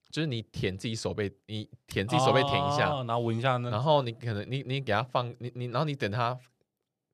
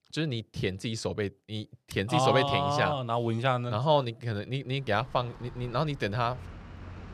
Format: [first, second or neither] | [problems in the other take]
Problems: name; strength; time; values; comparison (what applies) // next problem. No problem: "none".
first | traffic noise; noticeable; from 5 s on; 20 dB below the speech